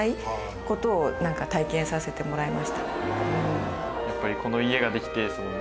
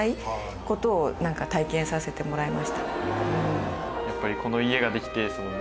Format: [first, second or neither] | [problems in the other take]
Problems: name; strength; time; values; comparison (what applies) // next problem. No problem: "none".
second | background sound (Wind instrument, woodwind instrument); 12 dB below the speech